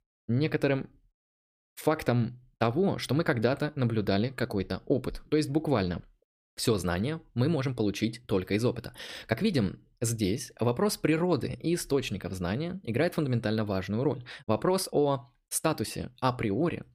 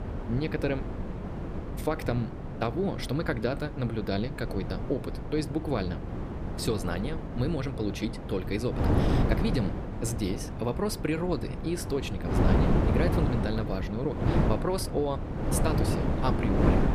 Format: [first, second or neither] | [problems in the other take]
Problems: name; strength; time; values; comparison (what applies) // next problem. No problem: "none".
first | wind noise on the microphone; heavy; 3 dB below the speech